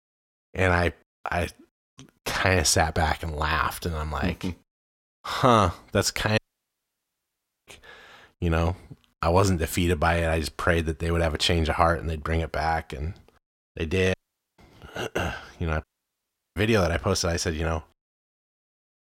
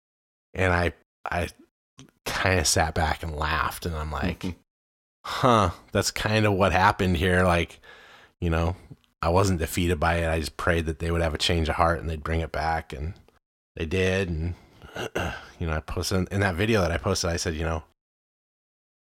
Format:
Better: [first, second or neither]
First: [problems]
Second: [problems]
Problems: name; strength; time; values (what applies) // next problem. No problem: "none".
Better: second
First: audio cutting out; at 6.5 s for 1.5 s, at 14 s and at 16 s for 0.5 s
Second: none